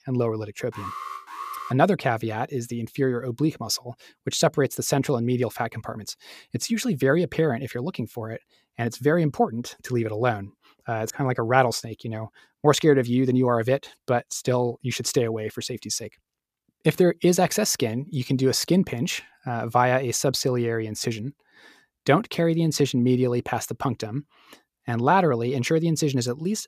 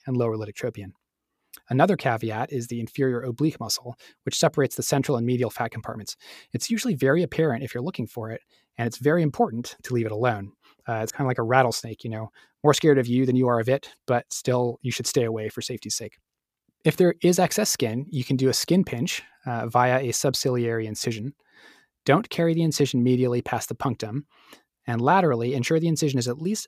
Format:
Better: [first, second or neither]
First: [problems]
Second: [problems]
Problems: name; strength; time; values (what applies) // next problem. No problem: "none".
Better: second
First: alarm; noticeable; from 0.5 to 1.5 s; peak 10 dB below the speech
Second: none